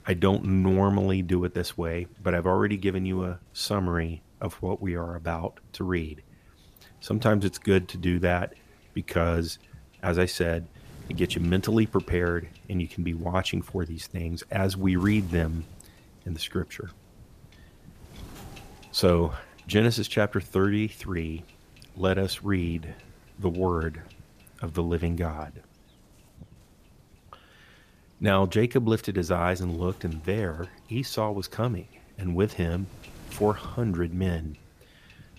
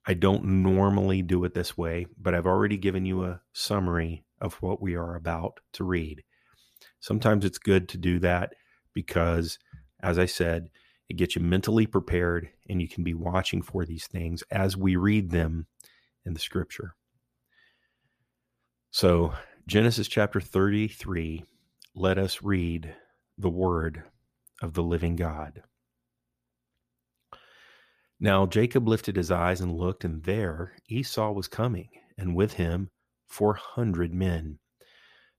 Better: second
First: wind noise on the microphone; occasional gusts; 25 dB below the speech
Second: none

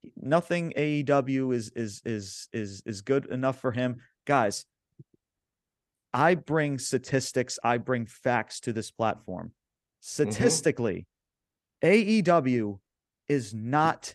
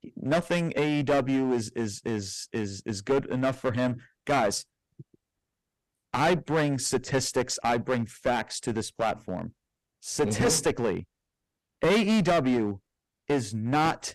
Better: first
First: none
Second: distortion; heavy; 9% of the sound clipped

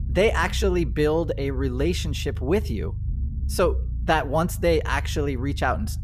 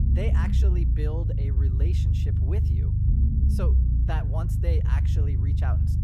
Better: first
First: low rumble; faint; throughout; 20 dB below the speech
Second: low rumble; loud; throughout; as loud as the speech

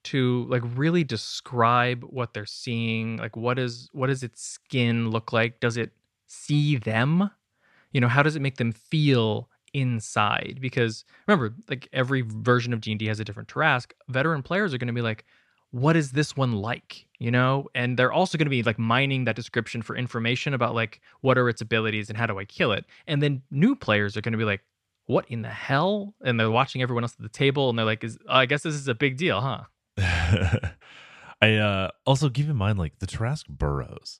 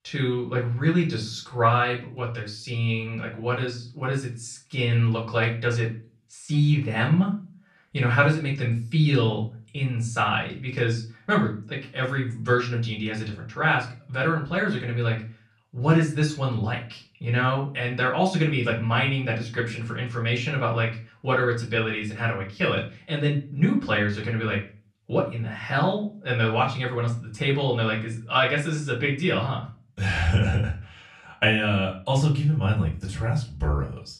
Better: first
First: none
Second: room echo; slight; dies away in 0.3 s // off-mic speech; far

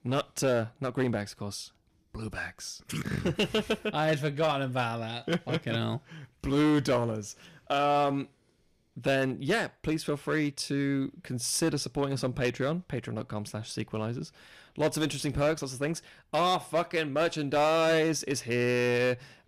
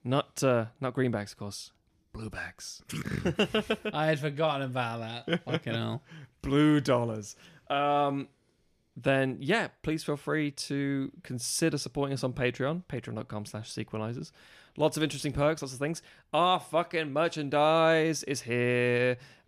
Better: second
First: distortion; slight; 6% of the sound clipped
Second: none

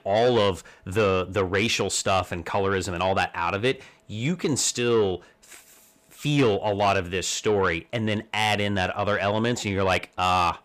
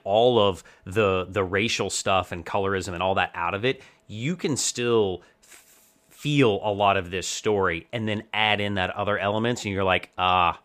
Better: second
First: distortion; slight; 10 dB below the speech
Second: none

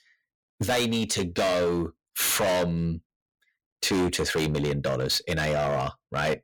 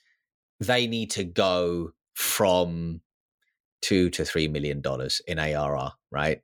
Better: second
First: distortion; heavy; 13% of the sound clipped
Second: none

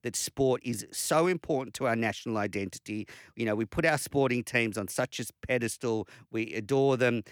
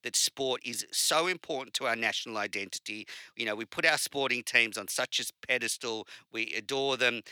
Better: first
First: none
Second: thin; somewhat; fading below 950 Hz

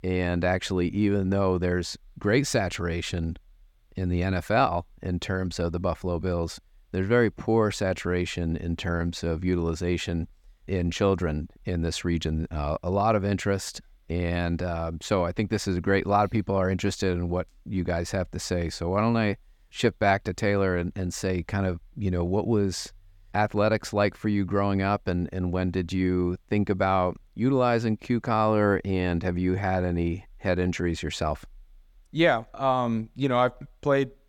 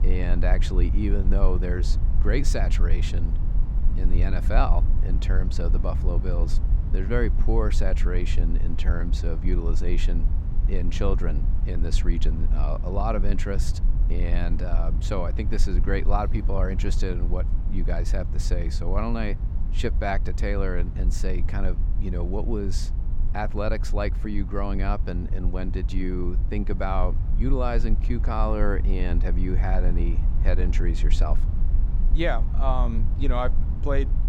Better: first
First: none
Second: low rumble; noticeable; throughout; 10 dB below the speech

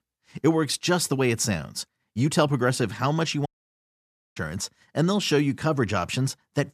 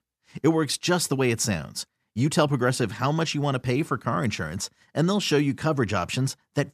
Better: second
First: audio cutting out; at 3.5 s for 1 s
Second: none

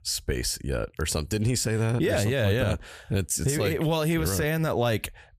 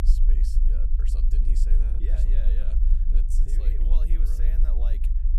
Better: first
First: none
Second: low rumble; loud; throughout; 1 dB below the speech

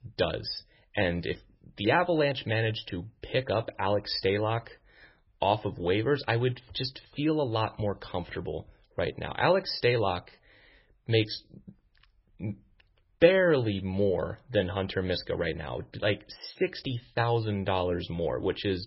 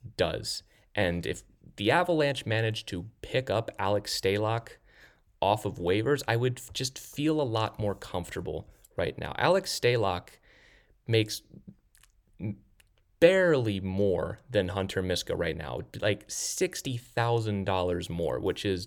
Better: second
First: garbled, watery; badly; nothing above 5.5 kHz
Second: none

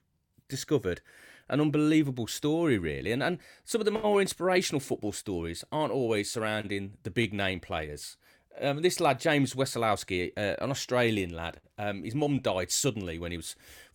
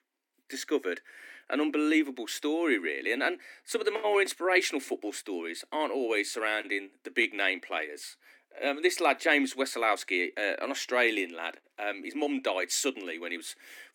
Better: first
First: none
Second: thin; very slightly; fading below 250 Hz

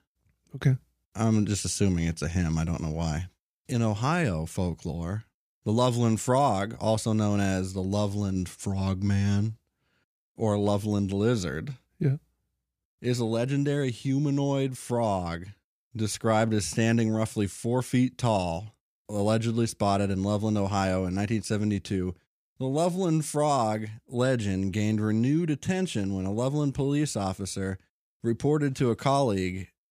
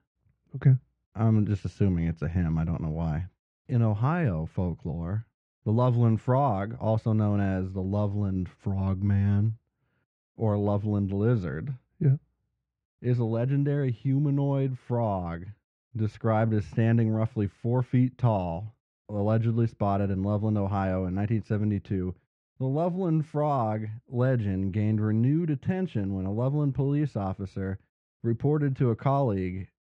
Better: first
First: none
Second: muffled; very; fading above 2 kHz

